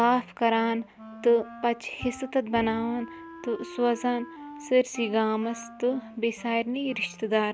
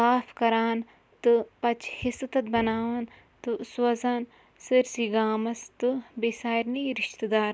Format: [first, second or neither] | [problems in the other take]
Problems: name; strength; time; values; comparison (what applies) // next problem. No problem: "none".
second | background sound (Wind instrument, woodwind instrument); 17 dB below the speech